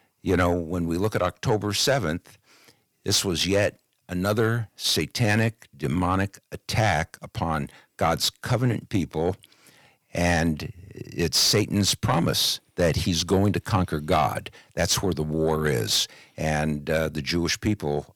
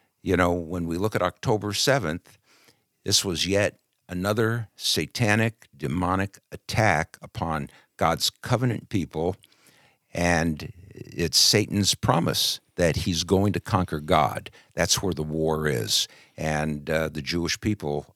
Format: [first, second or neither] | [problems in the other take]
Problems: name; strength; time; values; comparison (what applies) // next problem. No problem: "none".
second | distortion; slight; 10 dB below the speech